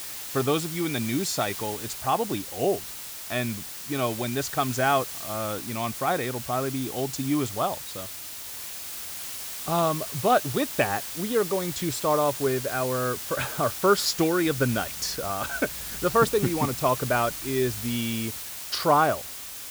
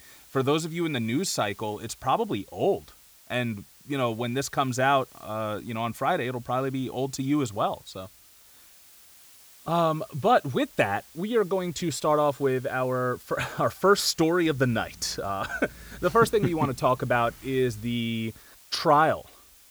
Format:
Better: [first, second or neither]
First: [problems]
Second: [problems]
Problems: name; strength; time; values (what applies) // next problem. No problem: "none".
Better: second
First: hiss; loud; throughout; 7 dB below the speech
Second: hiss; faint; throughout; 25 dB below the speech